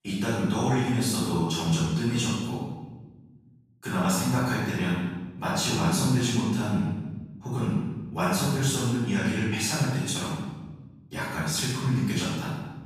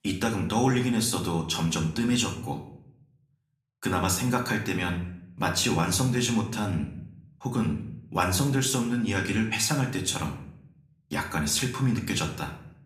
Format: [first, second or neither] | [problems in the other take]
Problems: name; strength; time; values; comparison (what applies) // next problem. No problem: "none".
second | room echo; strong; dies away in 1.2 s; slight in the second // off-mic speech; far; somewhat distant in the second